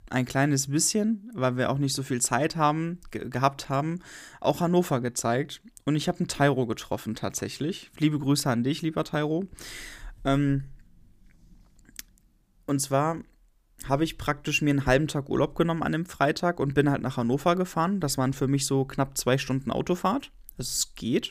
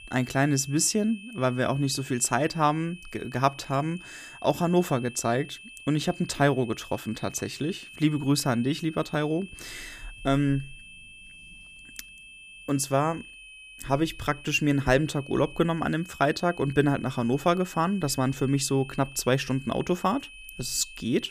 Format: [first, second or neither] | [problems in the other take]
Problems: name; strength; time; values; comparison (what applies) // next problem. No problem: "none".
first | high-pitched whine; noticeable; throughout; 2.5 kHz, 15 dB below the speech